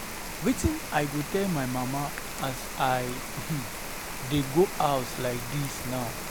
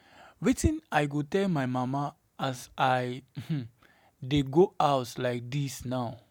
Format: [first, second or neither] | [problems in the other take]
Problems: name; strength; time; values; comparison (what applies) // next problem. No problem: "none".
second | background sound (Rain); 6 dB below the speech